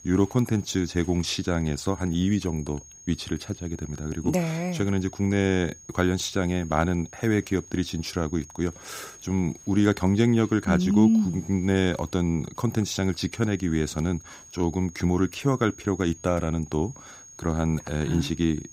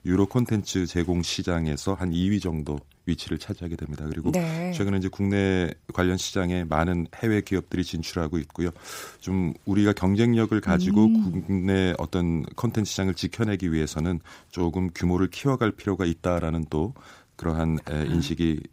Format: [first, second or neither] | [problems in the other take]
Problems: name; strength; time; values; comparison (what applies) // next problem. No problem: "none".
second | high-pitched whine; noticeable; throughout; 6.5 kHz, 20 dB below the speech